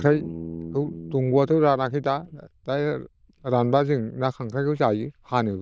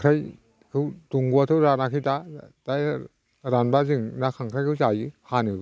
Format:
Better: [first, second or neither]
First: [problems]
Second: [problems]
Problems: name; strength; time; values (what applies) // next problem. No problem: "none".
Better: second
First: noise reduction (neural diffusion model UNIVERSE++)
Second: none